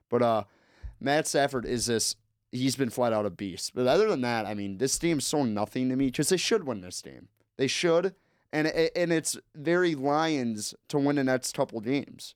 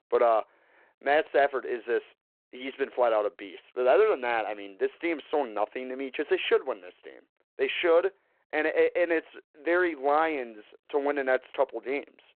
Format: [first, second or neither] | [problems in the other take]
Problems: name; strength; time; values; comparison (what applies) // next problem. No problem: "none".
first | phone-call audio